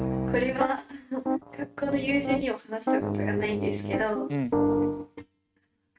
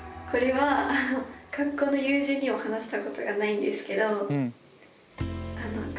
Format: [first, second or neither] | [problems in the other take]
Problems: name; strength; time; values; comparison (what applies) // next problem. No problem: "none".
second | noise reduction (neural mask model RNNoise)